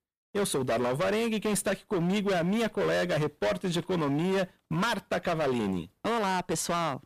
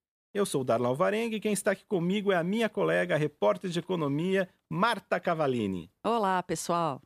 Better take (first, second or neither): second